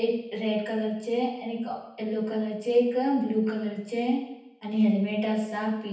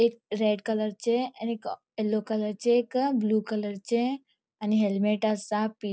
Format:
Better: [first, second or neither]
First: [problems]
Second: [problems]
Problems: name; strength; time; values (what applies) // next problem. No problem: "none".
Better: second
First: room echo; dies away in 0.9 s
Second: none